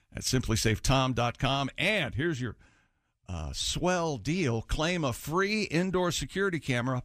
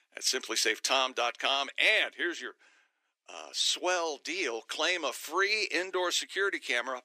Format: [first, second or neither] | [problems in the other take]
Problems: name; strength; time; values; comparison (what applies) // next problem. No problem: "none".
first | thin; very; fading below 350 Hz